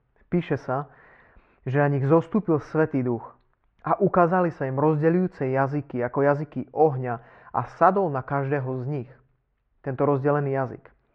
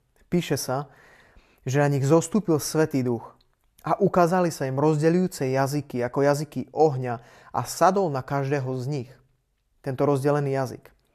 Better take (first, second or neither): second